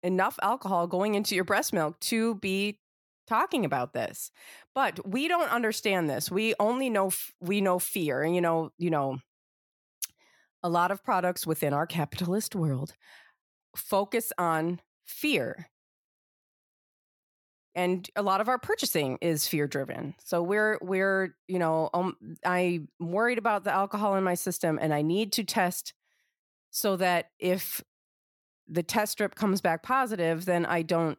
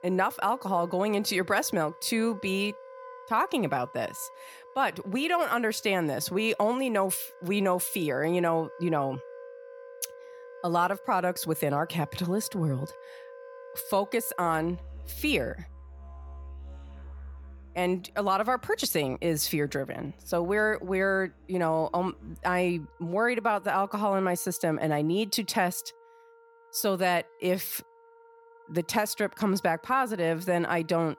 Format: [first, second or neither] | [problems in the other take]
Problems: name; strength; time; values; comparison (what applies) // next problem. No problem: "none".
first | background music; faint; throughout; 20 dB below the speech